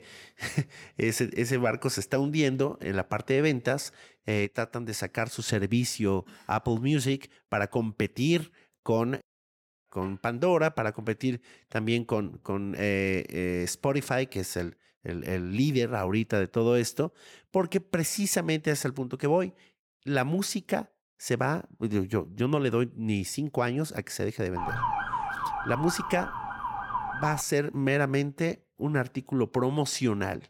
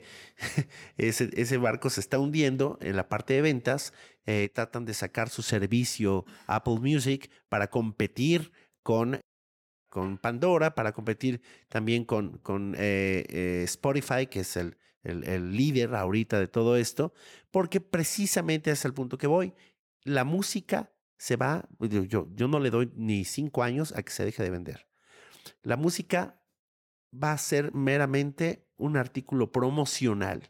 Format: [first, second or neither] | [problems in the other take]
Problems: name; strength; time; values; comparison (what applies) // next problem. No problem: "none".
second | siren; noticeable; from 25 to 27 s; peak level with the speech